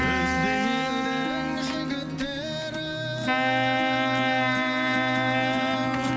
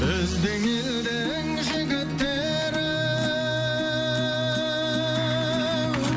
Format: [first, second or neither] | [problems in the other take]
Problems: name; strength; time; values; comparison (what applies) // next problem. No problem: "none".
second | background sound (Wind instrument, woodwind instrument); 3 dB above the speech